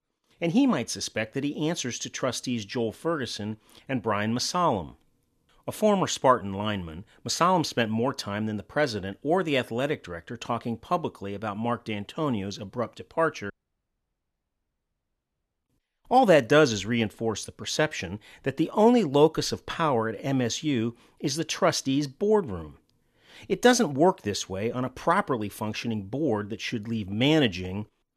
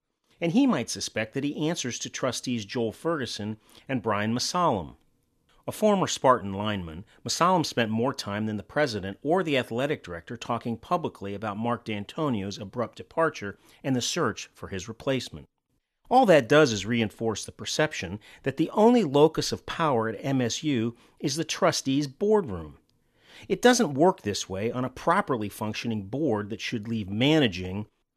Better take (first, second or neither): second